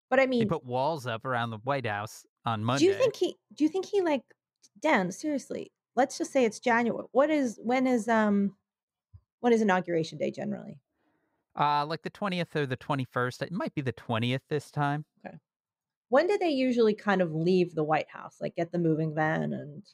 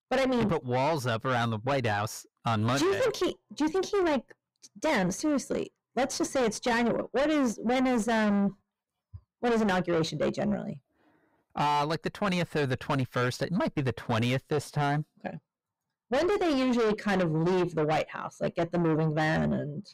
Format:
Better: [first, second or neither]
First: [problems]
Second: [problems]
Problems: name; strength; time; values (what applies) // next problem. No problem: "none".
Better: first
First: none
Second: distortion; heavy; 5 dB below the speech